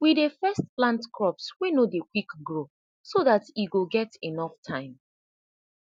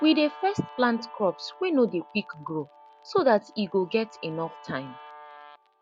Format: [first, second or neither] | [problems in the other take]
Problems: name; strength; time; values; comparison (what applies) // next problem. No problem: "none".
first | background sound (Guitar); 20 dB below the speech